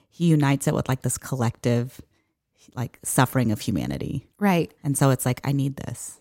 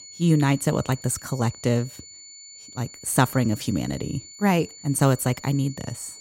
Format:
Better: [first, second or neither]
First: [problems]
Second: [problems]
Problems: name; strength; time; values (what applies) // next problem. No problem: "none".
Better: first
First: none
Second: high-pitched whine; noticeable; throughout; 7 kHz, 15 dB below the speech